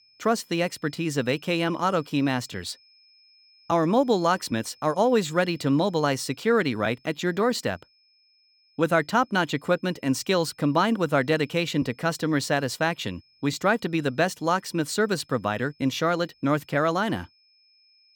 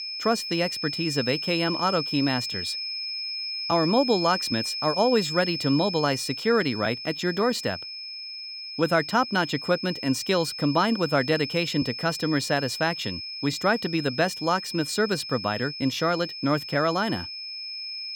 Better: first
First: high-pitched whine; faint; throughout; 5 kHz, 30 dB below the speech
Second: high-pitched whine; loud; throughout; 5 kHz, 6 dB below the speech

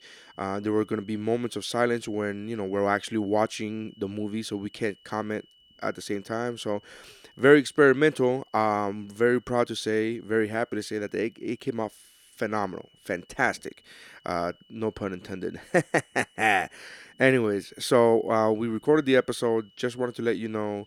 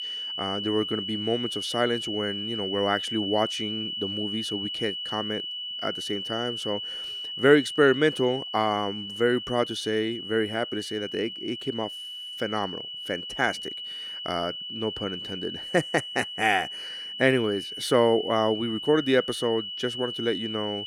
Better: first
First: high-pitched whine; faint; throughout; 3 kHz, 30 dB below the speech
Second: high-pitched whine; loud; throughout; 3 kHz, 5 dB below the speech

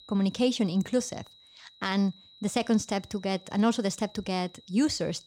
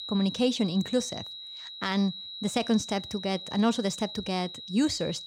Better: first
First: high-pitched whine; faint; throughout; 4 kHz, 25 dB below the speech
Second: high-pitched whine; loud; throughout; 4 kHz, 10 dB below the speech

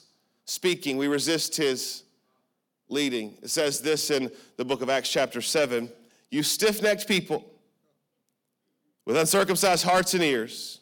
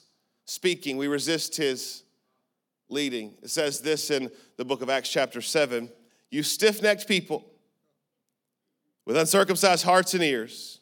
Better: second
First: distortion; slight; 10 dB below the speech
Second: none

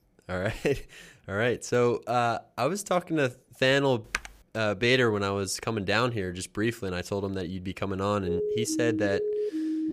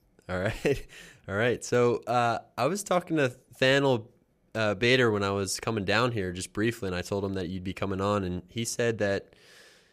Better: second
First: keyboard typing; noticeable; at 4 s; peak 7 dB below the speech // siren; noticeable; from 8 s on; peak 1 dB below the speech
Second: none

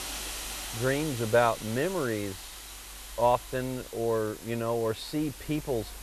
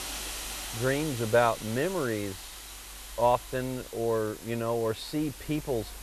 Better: neither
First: hiss; noticeable; throughout; 10 dB below the speech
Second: hiss; noticeable; throughout; 10 dB below the speech

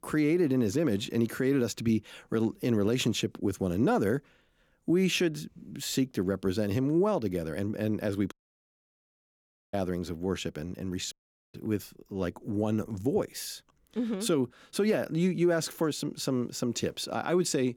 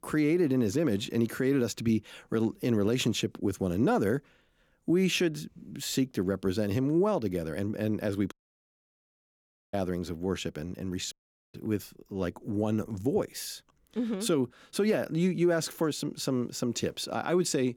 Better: neither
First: audio cutting out; at 8.5 s for 1.5 s and at 11 s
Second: audio cutting out; at 8.5 s for 1.5 s and at 11 s

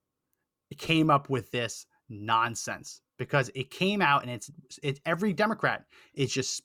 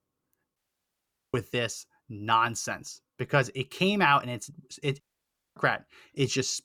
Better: first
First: none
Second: audio cutting out; at 0.5 s for 1 s and at 5 s for 0.5 s

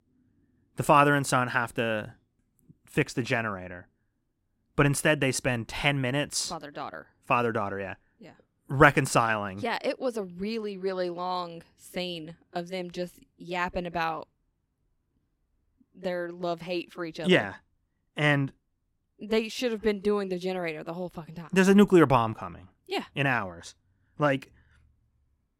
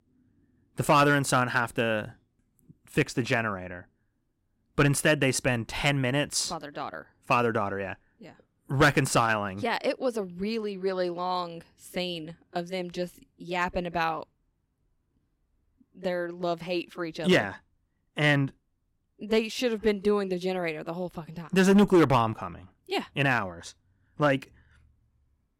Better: first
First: none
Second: distortion; slight; 1.2% of the sound clipped

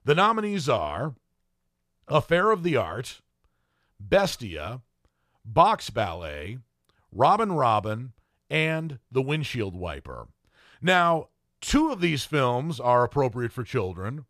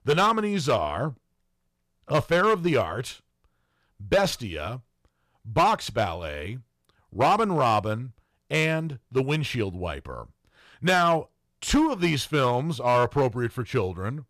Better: first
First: none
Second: distortion; slight; 3% of the sound clipped

